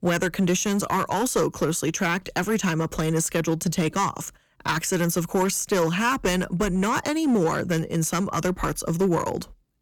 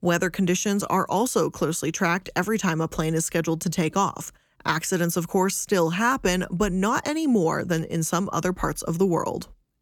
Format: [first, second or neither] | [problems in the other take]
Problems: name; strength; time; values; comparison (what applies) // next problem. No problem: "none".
second | distortion; slight; 7% of the sound clipped